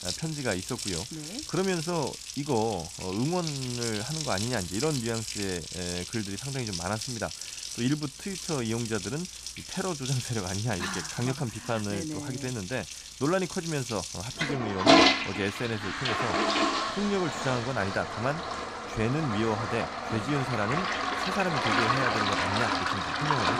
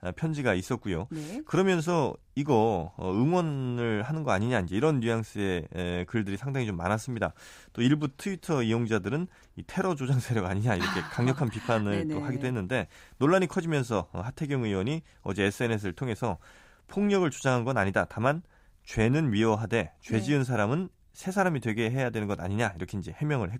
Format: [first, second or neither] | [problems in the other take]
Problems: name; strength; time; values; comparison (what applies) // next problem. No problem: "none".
second | household noises; very loud; throughout; 1 dB above the speech